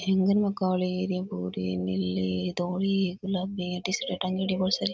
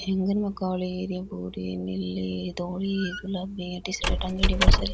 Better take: first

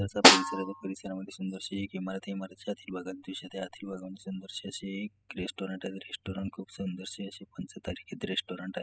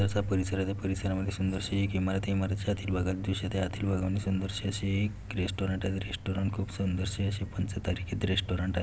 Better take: second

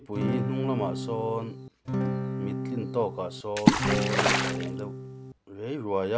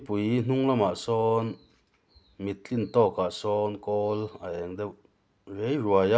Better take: second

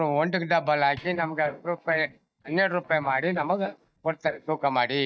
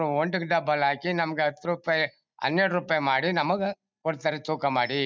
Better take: second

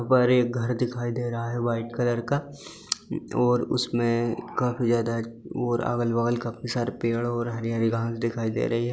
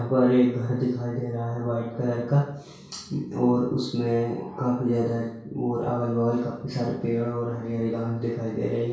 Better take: first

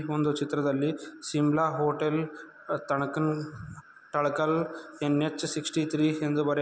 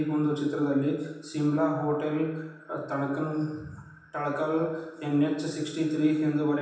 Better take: first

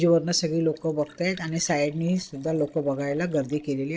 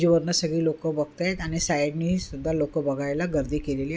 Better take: second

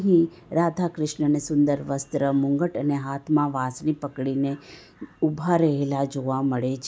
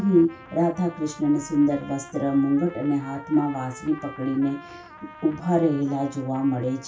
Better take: first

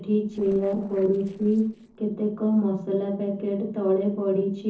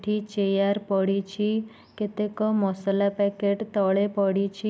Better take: second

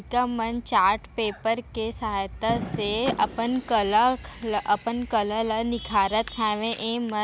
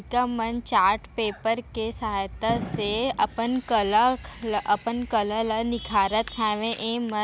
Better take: second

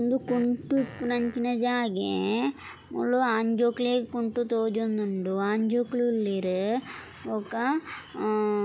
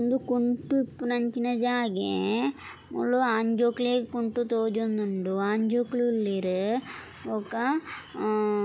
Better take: second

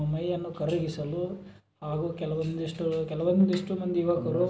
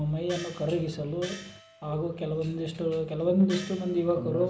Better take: first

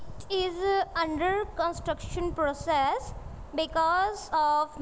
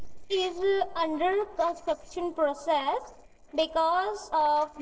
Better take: first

